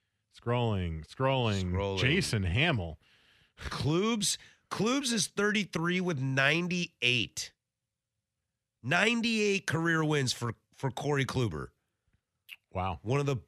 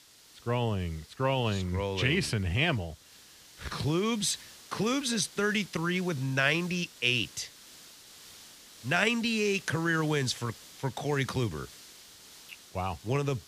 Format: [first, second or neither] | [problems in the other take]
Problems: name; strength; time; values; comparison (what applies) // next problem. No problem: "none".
first | hiss; noticeable; throughout; 20 dB below the speech